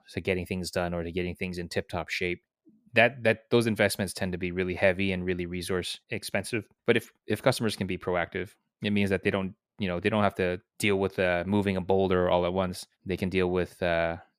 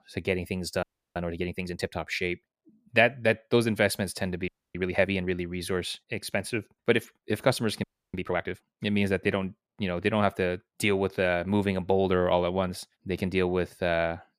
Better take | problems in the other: first | audio freezing; at 1 s, at 4.5 s and at 8 s

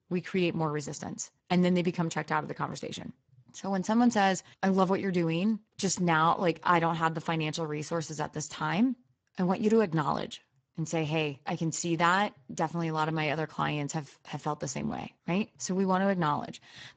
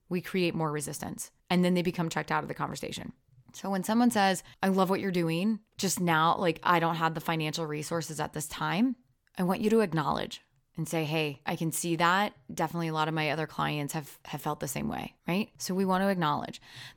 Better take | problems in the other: second | garbled, watery; badly; nothing above 7.5 kHz

